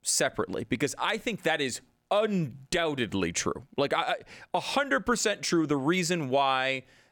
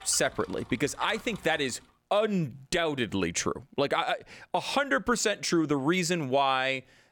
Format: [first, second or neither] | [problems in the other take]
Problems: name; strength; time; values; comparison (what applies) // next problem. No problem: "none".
first | traffic noise; noticeable; until 1.5 s; 20 dB below the speech